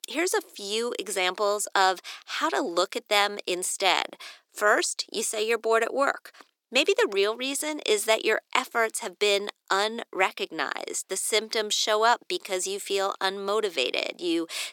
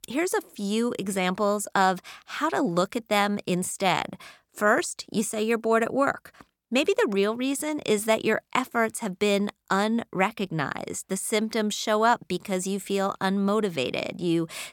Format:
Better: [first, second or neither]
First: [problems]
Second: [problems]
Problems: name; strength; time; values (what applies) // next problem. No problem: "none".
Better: second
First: thin; somewhat; fading below 350 Hz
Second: none